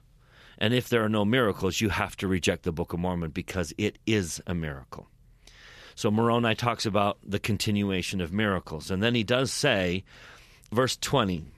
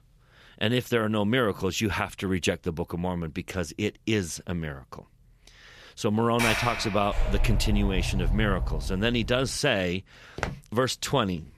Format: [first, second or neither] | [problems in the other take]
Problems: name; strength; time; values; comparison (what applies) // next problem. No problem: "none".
first | door banging; loud; from 6.5 to 9.5 s; peak 1 dB above the speech // footsteps; noticeable; at 10 s; peak 7 dB below the speech